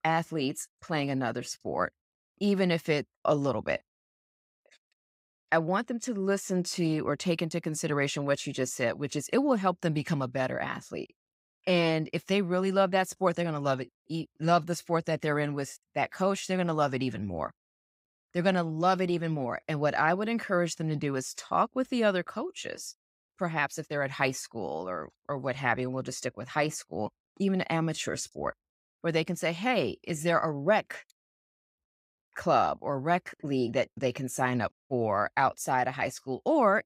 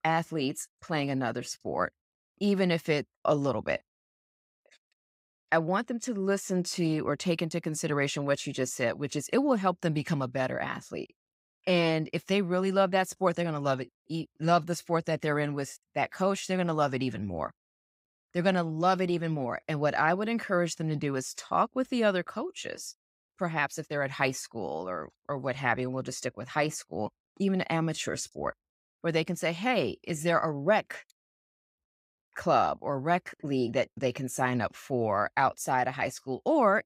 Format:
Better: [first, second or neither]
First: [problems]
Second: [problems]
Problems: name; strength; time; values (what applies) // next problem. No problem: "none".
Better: second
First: audio cutting out; at 35 s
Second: none